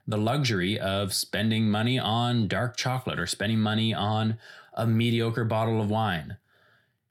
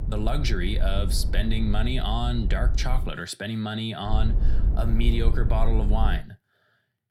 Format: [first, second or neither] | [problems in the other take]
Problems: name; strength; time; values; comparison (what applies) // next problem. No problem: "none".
first | low rumble; noticeable; until 3 s and from 4 to 6 s; 15 dB below the speech